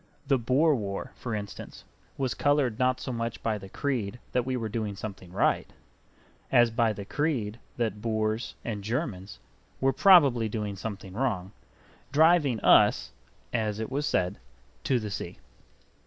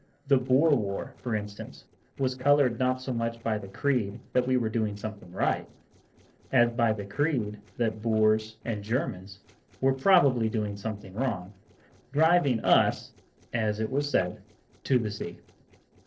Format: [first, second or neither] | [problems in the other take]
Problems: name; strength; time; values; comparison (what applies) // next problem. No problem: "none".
first | noise reduction (neural separator model SepFormer DNS4)